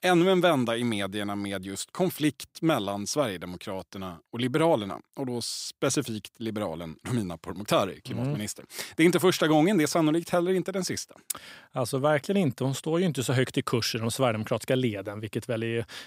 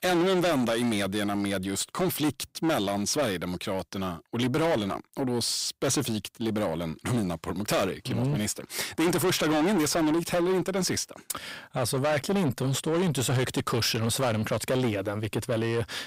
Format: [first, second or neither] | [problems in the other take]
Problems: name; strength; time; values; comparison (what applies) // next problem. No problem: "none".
first | distortion; heavy; 6 dB below the speech